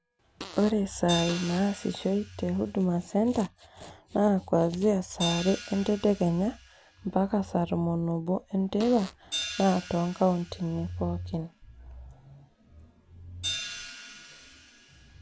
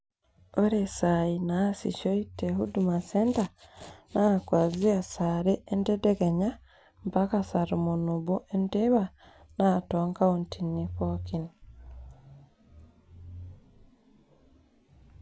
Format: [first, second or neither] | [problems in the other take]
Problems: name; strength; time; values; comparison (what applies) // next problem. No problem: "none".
second | background sound (Fart + Hi-hat); 13 dB below the speech